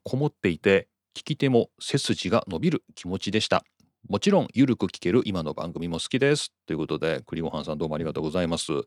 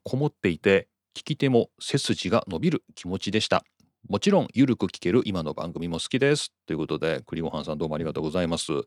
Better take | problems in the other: neither | none

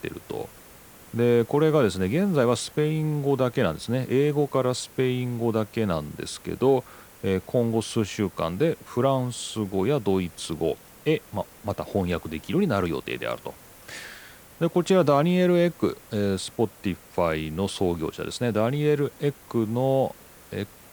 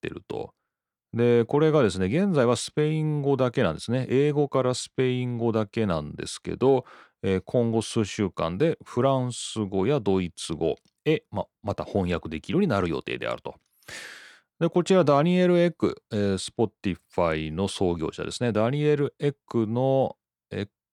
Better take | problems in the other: second | hiss; faint; throughout; 20 dB below the speech

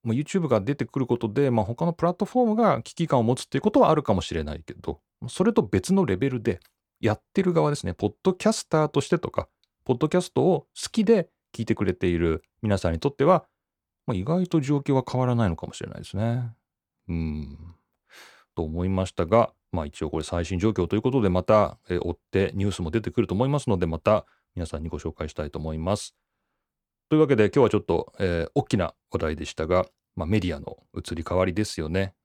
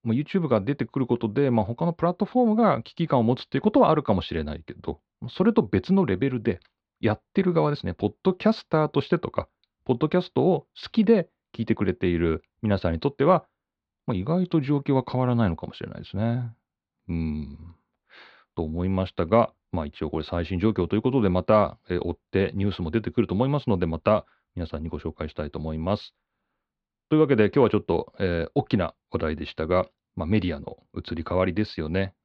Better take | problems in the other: first | muffled; very slightly; fading above 4 kHz

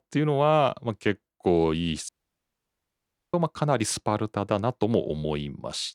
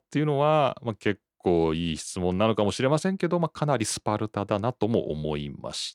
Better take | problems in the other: second | audio cutting out; at 2 s for 1 s

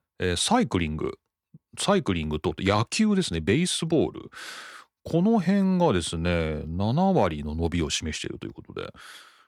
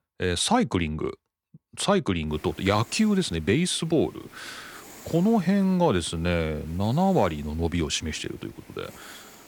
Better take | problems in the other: first | hiss; faint; from 2.5 s on; 25 dB below the speech

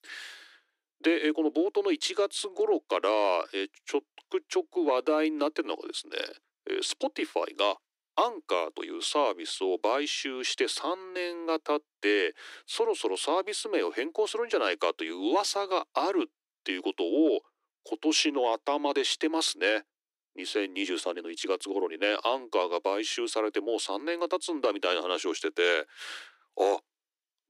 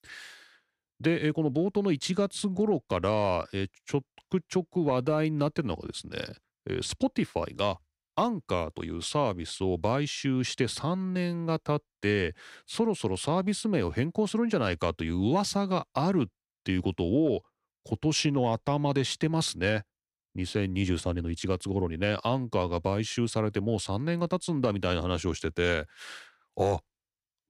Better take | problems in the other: second | thin; somewhat; fading below 300 Hz

